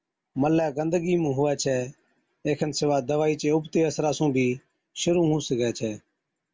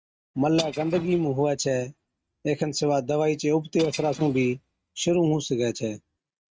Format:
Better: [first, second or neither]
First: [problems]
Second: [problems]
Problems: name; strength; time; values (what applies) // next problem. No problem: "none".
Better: first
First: none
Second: noise reduction (neural mask model RNNoise)